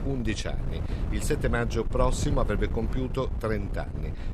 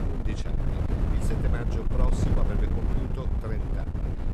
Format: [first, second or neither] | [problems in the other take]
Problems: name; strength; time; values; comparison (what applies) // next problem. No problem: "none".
first | wind noise on the microphone; heavy; 2 dB above the speech; occasional gusts in the first